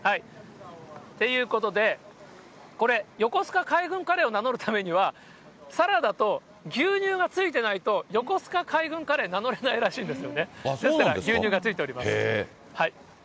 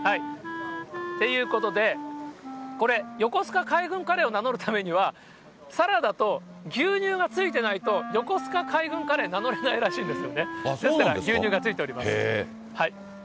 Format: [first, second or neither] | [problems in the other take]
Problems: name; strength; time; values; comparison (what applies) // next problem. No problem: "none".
first | background sound (Wind instrument, woodwind instrument); 11 dB below the speech